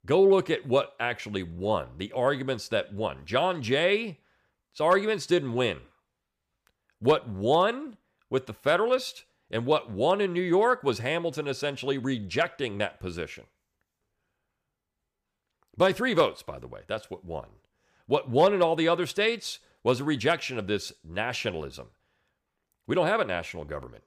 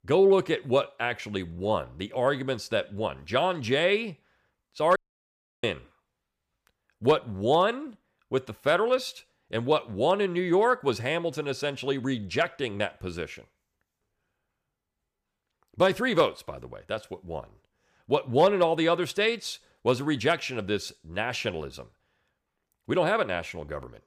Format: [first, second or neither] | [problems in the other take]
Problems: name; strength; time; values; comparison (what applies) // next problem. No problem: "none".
first | audio cutting out; at 5 s for 0.5 s